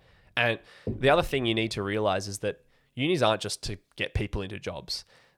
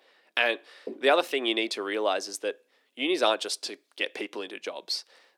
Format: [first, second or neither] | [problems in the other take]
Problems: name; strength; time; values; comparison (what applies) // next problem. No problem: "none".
first | thin; somewhat; fading below 250 Hz